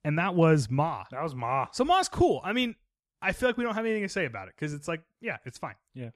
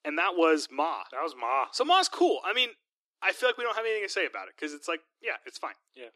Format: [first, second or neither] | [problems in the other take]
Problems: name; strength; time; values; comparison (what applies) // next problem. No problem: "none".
first | thin; very; fading below 300 Hz